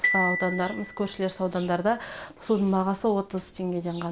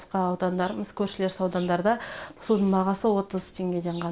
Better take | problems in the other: second | background sound (Glockenspiel); 6 dB below the speech

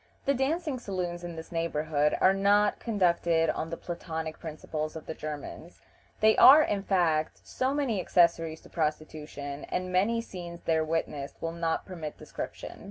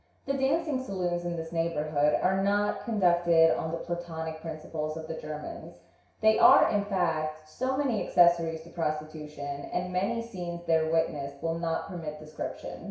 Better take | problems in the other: first | room echo; dies away in 0.6 s

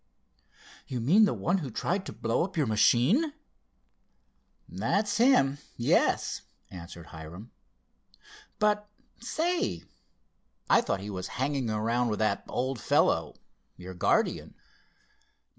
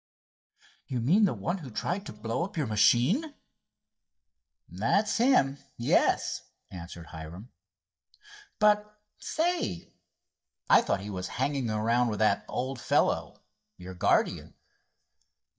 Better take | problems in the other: first | noise reduction (neural mask model DeepFilterNet 3)

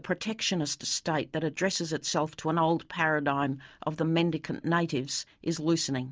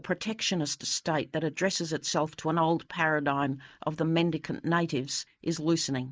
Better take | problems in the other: first | noise reduction (neural mask model Resemble Enhance denoiser)

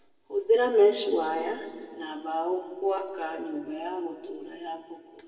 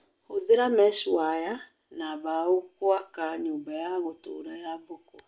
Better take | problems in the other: second | room echo; dies away in 1.9 s

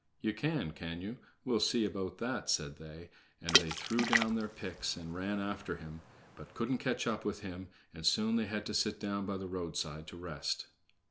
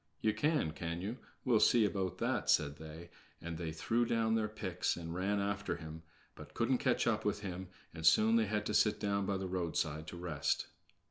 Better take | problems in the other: second | background sound (Water / Splash, splatter); as loud as the speech

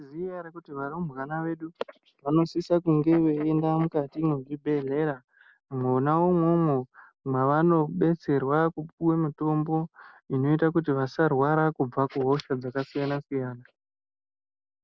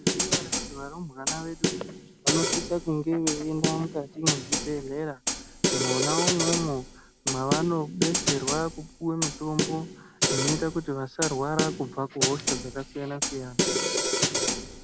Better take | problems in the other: first | background sound (Snare drum); 2 dB above the speech

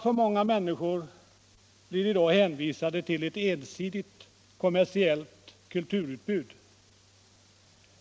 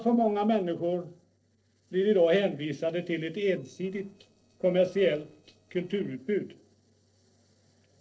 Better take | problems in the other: first | noise reduction (neural separator model SepFormer DNS4)

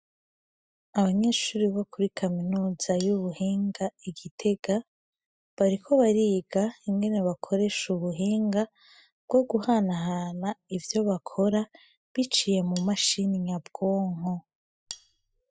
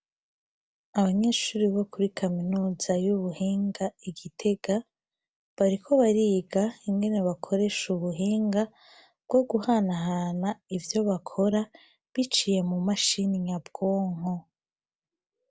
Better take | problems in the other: second | noise reduction (classical method spectral subtraction)

